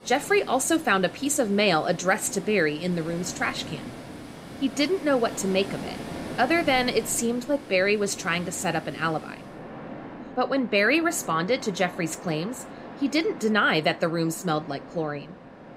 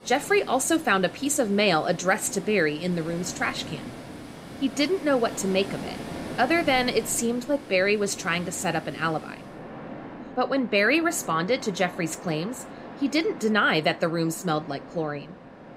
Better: neither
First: rain or running water; noticeable; throughout; 15 dB below the speech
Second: rain or running water; noticeable; throughout; 15 dB below the speech

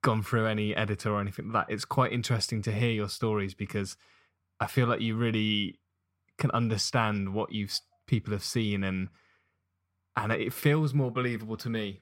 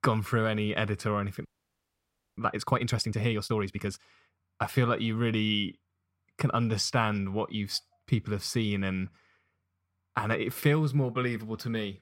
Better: first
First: none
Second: audio freezing; at 1.5 s for 1 s

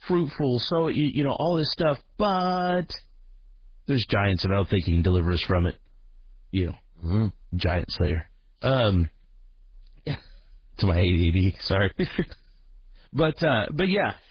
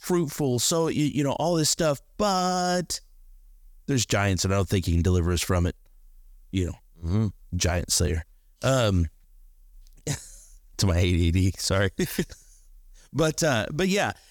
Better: second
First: garbled, watery; badly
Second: none

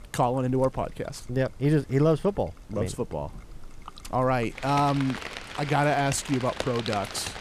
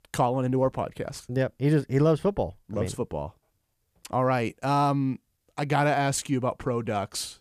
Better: second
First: rain or running water; noticeable; throughout; 10 dB below the speech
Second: none

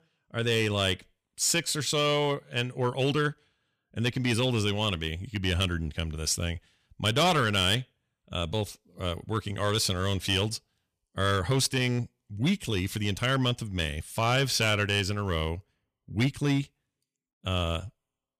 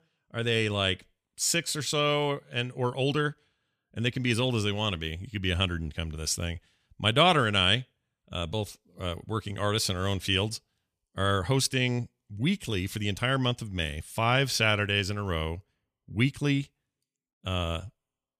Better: second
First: distortion; slight; 3% of the sound clipped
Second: none

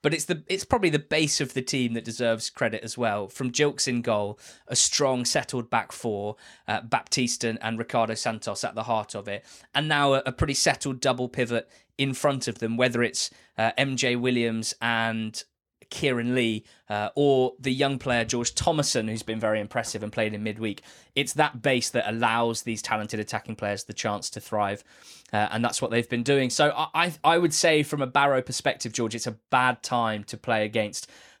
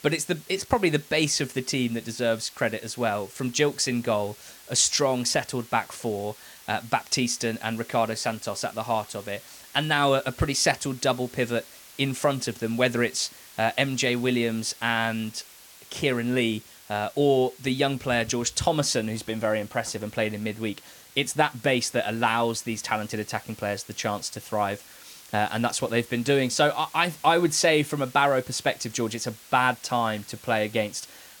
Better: first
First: none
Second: hiss; faint; throughout; 20 dB below the speech

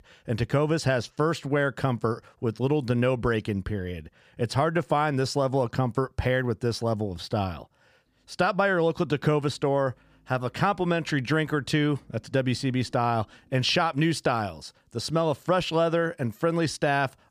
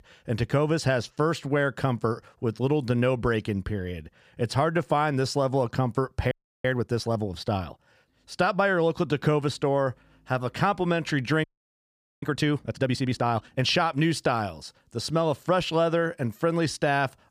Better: first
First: none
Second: audio freezing; at 6.5 s and at 11 s for 1 s

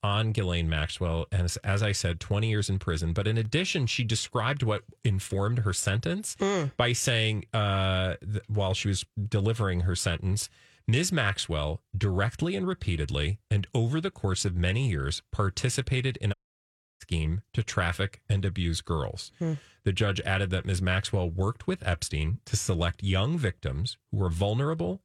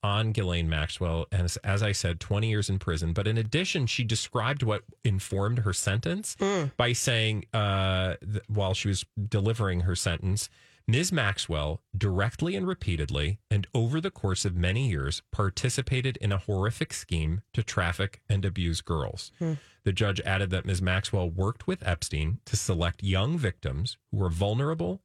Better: second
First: audio cutting out; at 16 s for 0.5 s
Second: none

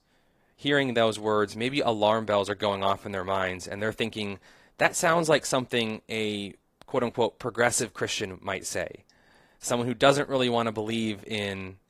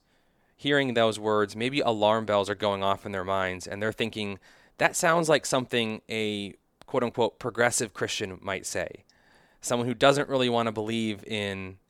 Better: second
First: garbled, watery; slightly; nothing above 14.5 kHz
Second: none

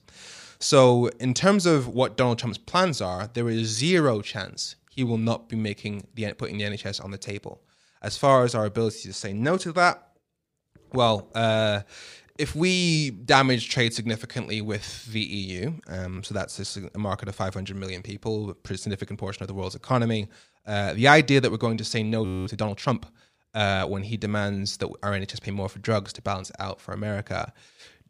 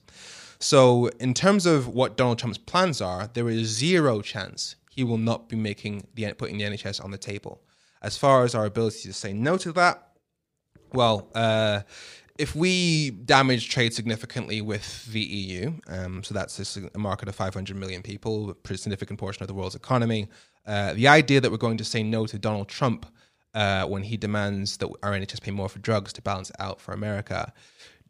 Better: second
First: audio freezing; at 22 s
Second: none

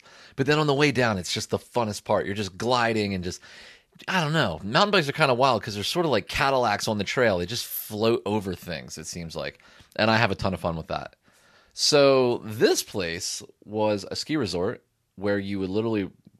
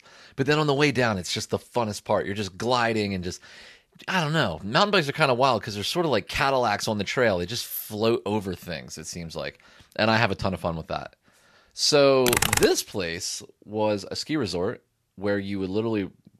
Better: first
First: none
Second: keyboard typing; loud; at 12 s; peak 3 dB above the speech

